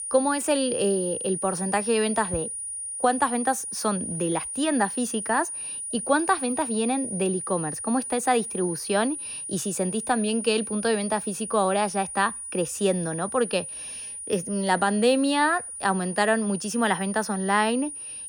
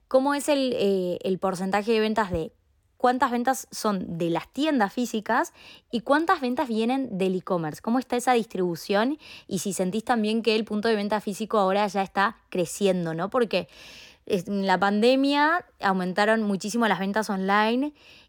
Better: second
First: high-pitched whine; loud; throughout; 9.5 kHz, 6 dB below the speech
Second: none

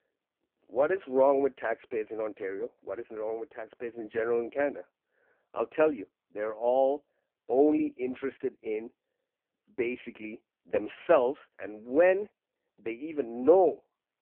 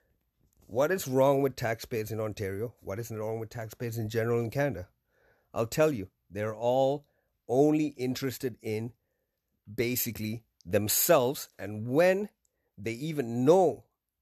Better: second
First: phone-call audio; poor line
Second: none

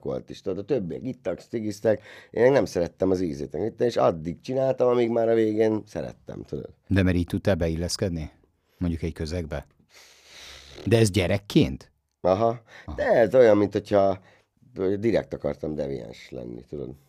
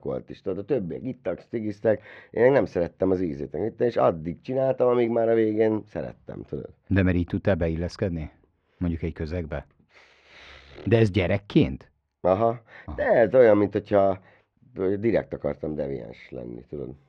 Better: first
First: none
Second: muffled; slightly; fading above 2.5 kHz

